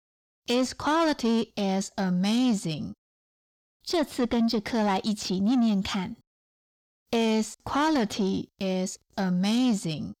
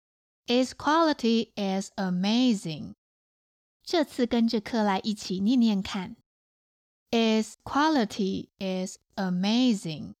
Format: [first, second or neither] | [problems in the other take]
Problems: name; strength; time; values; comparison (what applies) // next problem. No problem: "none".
second | distortion; slight; 10 dB below the speech